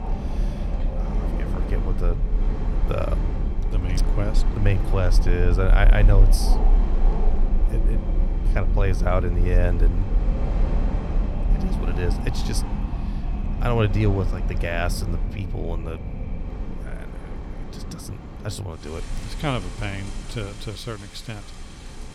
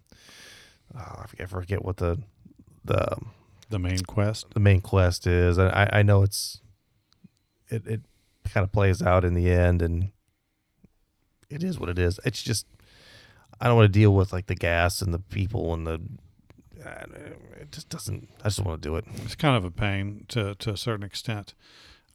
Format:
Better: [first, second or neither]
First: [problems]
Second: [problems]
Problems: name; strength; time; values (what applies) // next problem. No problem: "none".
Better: second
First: wind in the background; very loud; throughout; 2 dB above the speech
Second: none